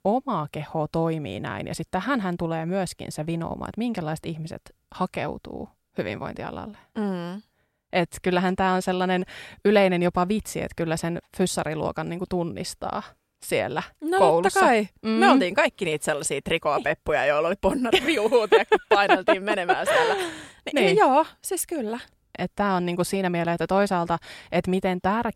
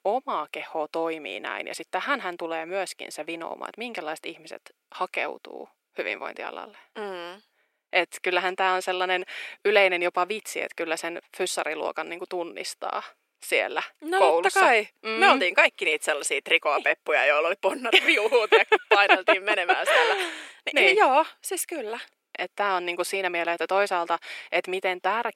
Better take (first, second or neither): first